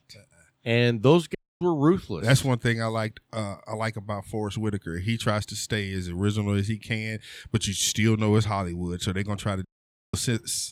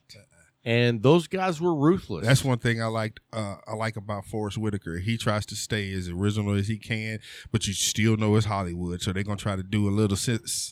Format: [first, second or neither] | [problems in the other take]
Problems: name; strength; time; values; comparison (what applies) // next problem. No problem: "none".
second | audio cutting out; at 1.5 s and at 9.5 s